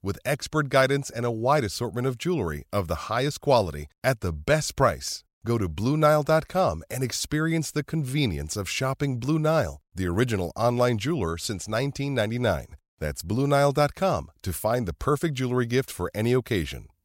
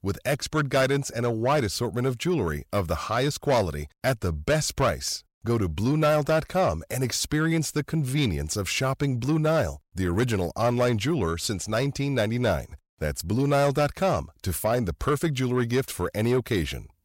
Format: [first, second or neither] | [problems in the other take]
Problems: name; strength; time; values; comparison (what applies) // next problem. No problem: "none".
first | distortion; slight; 10 dB below the speech